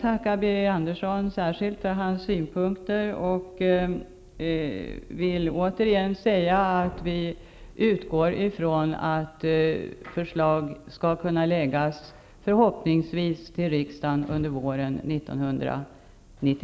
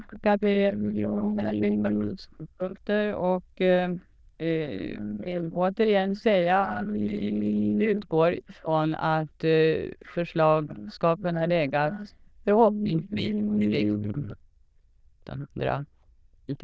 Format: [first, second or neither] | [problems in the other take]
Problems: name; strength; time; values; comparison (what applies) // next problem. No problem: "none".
first | noise reduction (neural diffusion model UNIVERSE++)